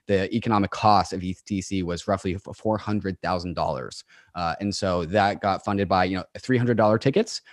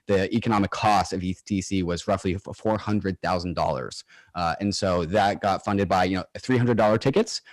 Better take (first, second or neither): first